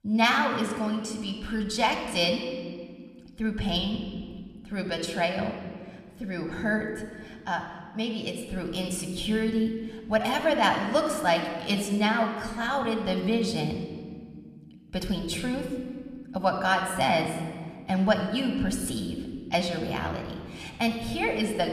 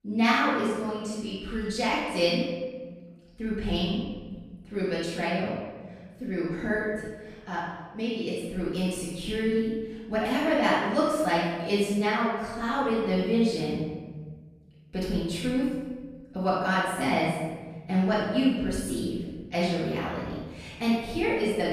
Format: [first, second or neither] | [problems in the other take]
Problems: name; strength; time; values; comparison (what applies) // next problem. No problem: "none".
first | room echo; strong; dies away in 1.5 s; slight in the first // off-mic speech; far